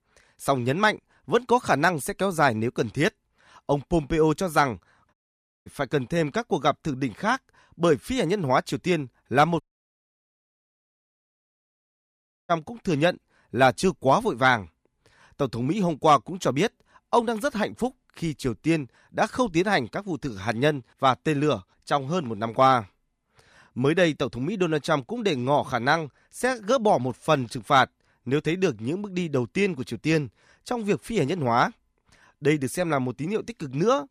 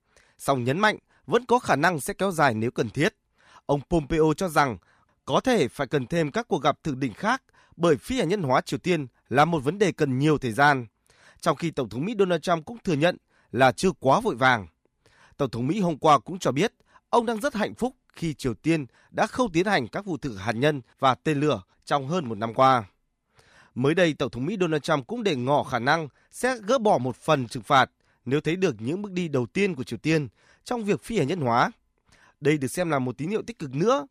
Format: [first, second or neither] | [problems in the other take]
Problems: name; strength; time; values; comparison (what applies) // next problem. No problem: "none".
second | audio cutting out; at 5 s for 0.5 s and at 9.5 s for 3 s